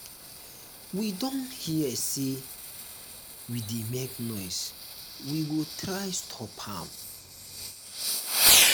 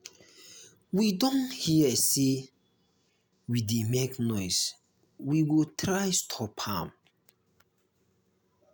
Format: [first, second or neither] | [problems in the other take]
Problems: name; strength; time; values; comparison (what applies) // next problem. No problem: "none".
second | background sound (Fireworks); 5 dB above the speech